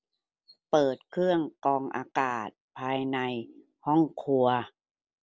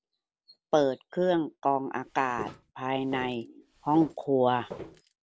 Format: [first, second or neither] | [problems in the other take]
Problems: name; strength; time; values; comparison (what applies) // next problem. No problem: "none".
first | background sound (Walk, footsteps); 16 dB below the speech